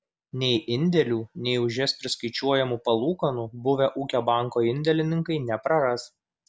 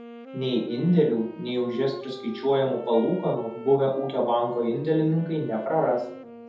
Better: first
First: none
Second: background sound (Wind instrument, woodwind instrument); 16 dB below the speech // room echo; dies away in 0.6 s

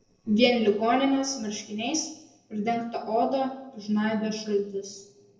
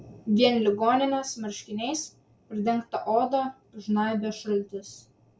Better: second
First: noise reduction (neural separator model SepFormer DNS4)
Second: none

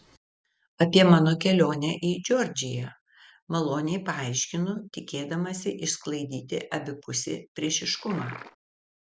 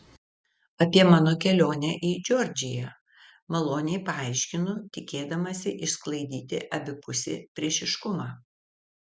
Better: second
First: noise reduction (neural separator model SepFormer DNS4)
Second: none

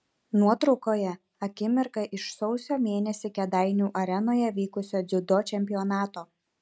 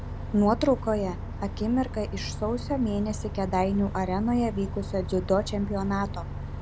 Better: first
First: none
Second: background sound (Bus); 7 dB below the speech

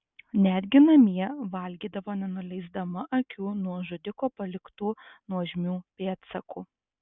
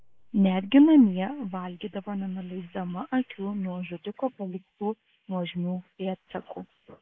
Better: first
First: none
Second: noise reduction (neural mask model Resemble Enhance denoiser)

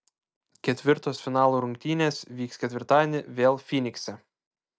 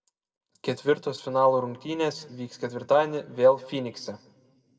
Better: first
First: none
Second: room echo; dies away in 1.3 s

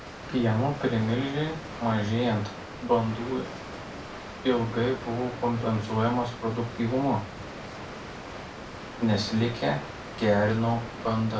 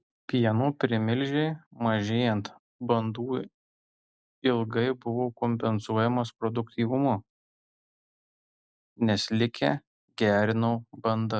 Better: second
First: background sound (Water); 11 dB below the speech // room echo; dies away in 0.3 s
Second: none

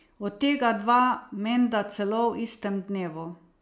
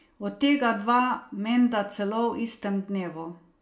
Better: first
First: none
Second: room echo; dies away in 0.2 s

